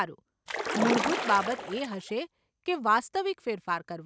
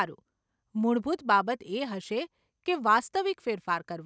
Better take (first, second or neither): second